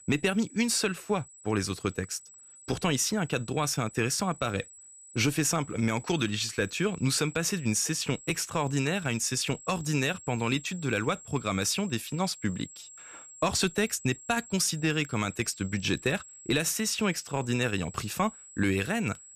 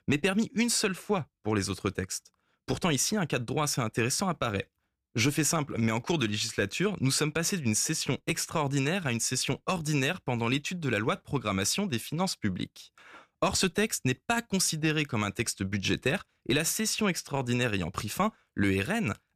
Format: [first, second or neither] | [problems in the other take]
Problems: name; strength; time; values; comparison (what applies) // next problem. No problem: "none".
second | high-pitched whine; noticeable; throughout; 7.5 kHz, 20 dB below the speech